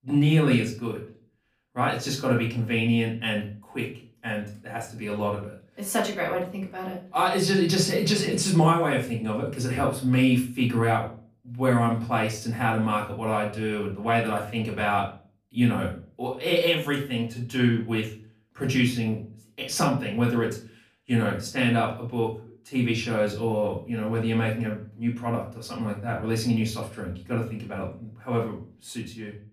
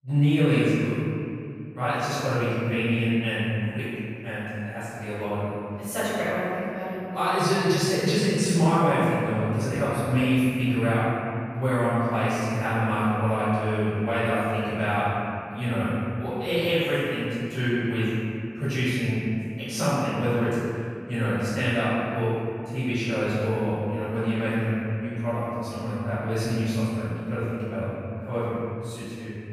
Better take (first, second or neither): first